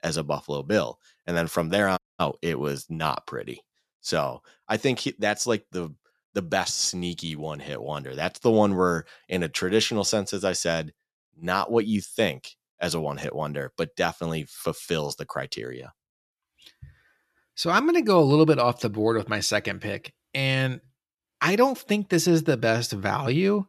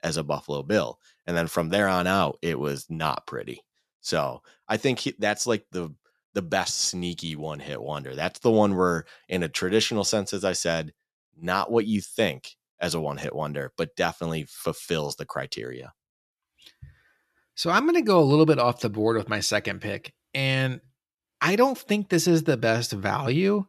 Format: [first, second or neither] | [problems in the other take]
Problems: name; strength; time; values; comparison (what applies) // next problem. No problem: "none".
second | audio cutting out; at 2 s